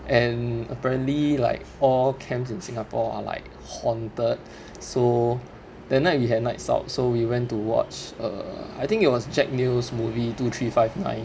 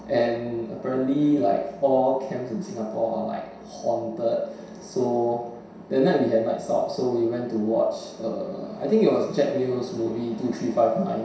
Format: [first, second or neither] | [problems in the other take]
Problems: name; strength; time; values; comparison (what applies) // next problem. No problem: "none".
first | room echo; dies away in 0.7 s